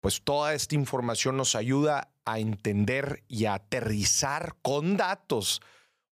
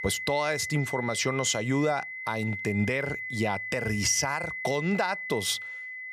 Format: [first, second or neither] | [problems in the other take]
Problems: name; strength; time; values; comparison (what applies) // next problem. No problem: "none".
first | high-pitched whine; loud; throughout; 2 kHz, 5 dB below the speech